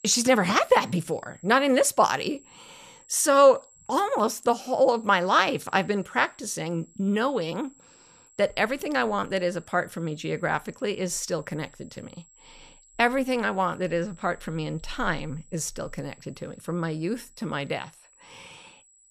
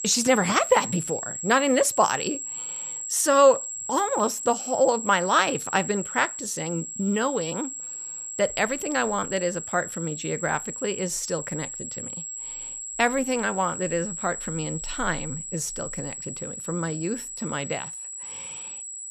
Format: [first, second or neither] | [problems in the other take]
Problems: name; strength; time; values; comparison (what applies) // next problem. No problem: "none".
first | high-pitched whine; loud; throughout; 7.5 kHz, 7 dB below the speech; faint in the first